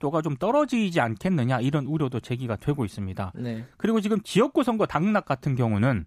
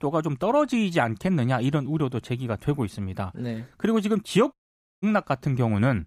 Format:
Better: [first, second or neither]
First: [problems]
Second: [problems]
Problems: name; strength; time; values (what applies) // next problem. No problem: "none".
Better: first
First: none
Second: audio cutting out; at 4.5 s